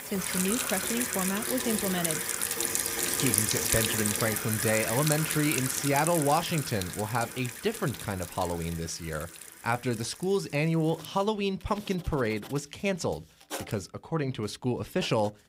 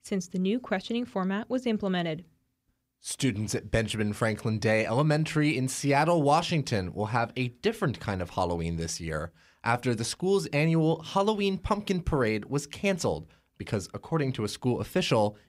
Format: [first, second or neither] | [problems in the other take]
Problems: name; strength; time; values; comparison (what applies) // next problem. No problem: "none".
second | household noises; very loud; throughout; 1 dB above the speech